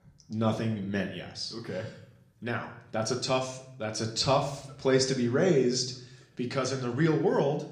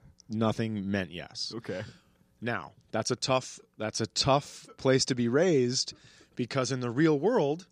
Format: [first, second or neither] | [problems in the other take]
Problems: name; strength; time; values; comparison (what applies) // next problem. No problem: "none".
second | room echo; slight; dies away in 0.5 s // off-mic speech; somewhat distant